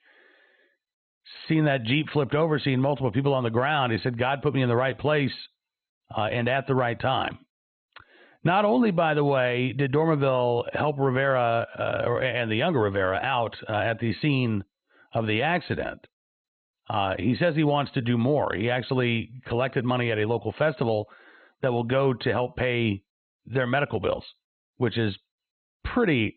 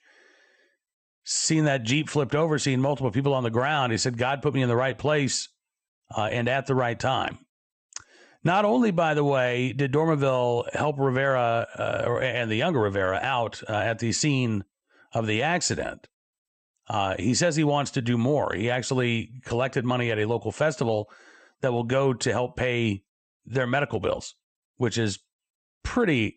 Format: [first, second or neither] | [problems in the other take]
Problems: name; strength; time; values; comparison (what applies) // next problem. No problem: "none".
second | garbled, watery; badly; nothing above 4 kHz; slightly in the second